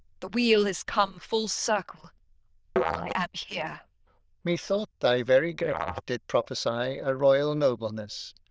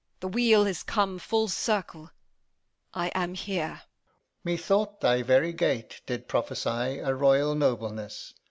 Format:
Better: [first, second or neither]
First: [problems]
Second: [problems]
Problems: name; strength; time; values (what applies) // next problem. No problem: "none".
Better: second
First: noise reduction (neural diffusion model UNIVERSE++)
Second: none